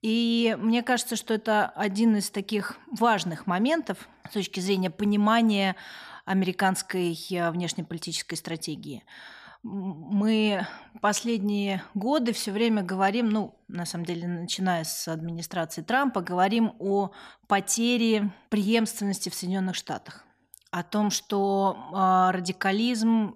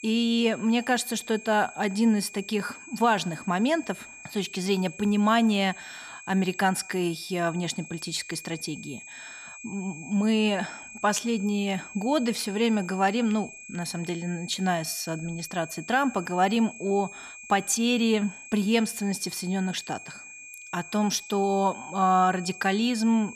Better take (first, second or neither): first